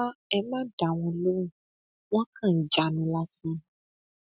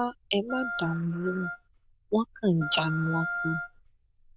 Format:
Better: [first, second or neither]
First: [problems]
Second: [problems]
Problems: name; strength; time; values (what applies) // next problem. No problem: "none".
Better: first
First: none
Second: noise reduction (neural diffusion model UNIVERSE++)